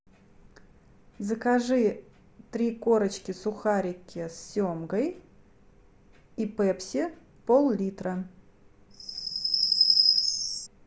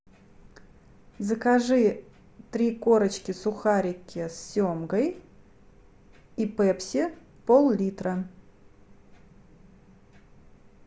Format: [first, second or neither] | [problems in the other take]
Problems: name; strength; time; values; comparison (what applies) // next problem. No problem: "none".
second | background sound (Chirp, tweet); 5 dB above the speech